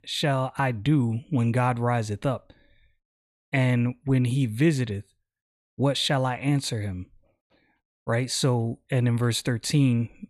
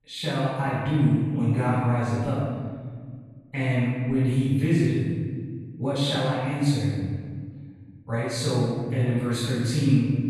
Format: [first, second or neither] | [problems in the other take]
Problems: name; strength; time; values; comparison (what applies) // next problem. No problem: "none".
first | room echo; strong; dies away in 1.7 s // off-mic speech; far